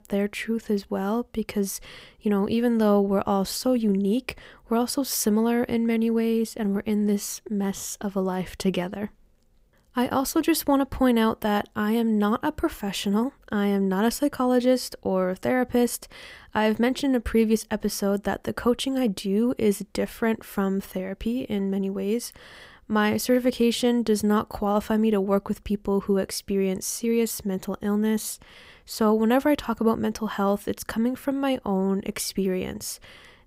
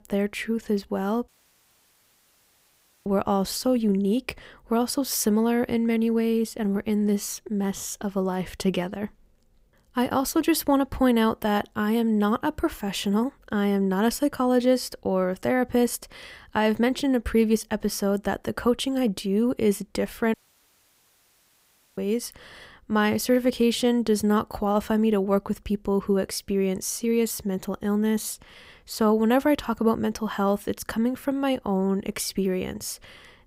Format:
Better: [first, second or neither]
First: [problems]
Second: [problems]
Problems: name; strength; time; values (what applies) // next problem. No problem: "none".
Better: first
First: none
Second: audio cutting out; at 1.5 s for 2 s and at 20 s for 1.5 s